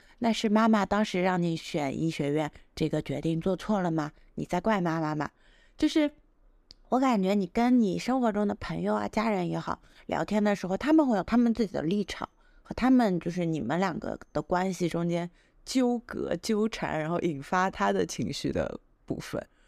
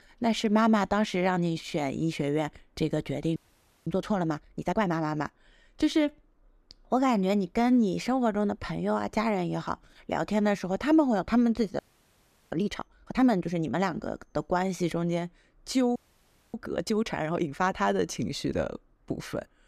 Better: first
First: none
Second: audio freezing; at 3.5 s for 0.5 s, at 12 s for 0.5 s and at 16 s for 0.5 s

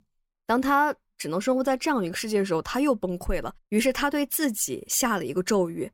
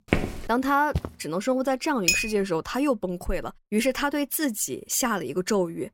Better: first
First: none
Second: footsteps; noticeable; at the start and at 1 s; peak 1 dB below the speech // clattering dishes; loud; at 2 s; peak 3 dB above the speech

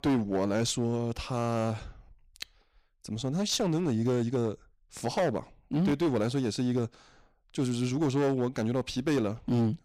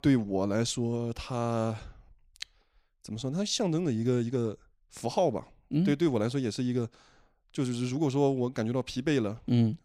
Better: second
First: distortion; slight; 10% of the sound clipped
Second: none

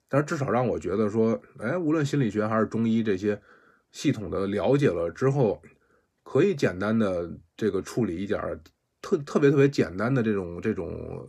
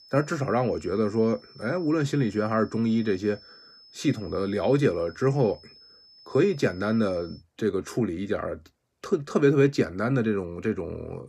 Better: first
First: none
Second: high-pitched whine; faint; until 7.5 s; 5.5 kHz, 25 dB below the speech

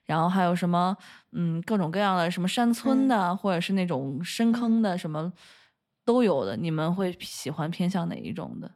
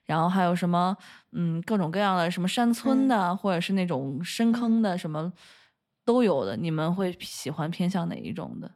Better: neither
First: none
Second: none

